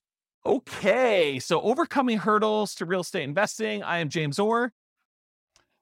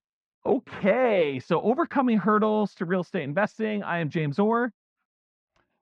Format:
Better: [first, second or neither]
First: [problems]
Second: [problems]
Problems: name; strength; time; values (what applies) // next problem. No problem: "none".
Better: first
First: none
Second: muffled; very; fading above 2 kHz